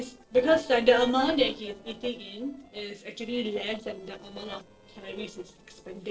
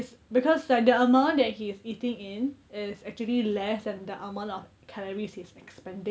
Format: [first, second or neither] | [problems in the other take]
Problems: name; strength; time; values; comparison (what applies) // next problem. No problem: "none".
second | noise reduction (neural separator model SepFormer DNS4)